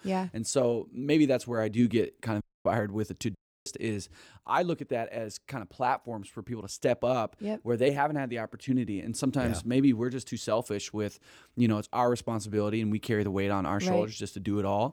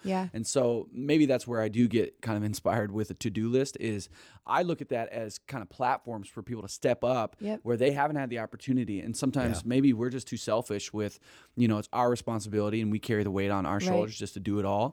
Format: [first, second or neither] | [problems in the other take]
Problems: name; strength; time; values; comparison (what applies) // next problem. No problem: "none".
second | audio cutting out; at 2.5 s and at 3.5 s